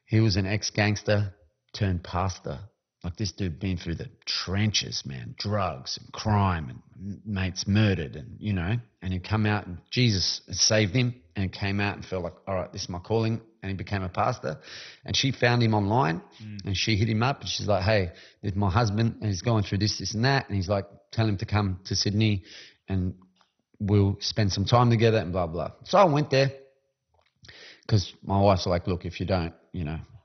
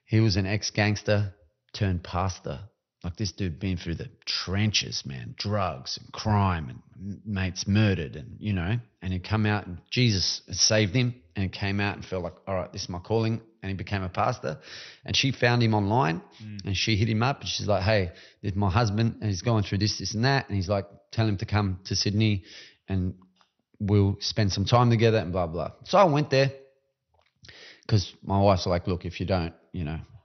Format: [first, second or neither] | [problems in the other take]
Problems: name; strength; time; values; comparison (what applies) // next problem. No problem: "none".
second | garbled, watery; badly; nothing above 6 kHz; slightly in the second